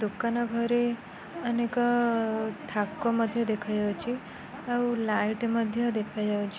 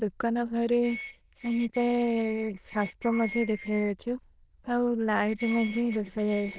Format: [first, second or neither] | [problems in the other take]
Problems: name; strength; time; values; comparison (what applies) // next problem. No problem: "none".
first | noise reduction (neural diffusion model UNIVERSE++)